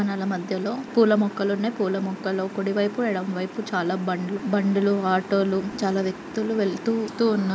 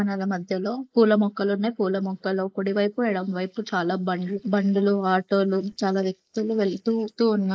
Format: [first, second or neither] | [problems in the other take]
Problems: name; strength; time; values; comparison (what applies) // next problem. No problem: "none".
first | noise reduction (neural mask model Resemble Enhance denoiser)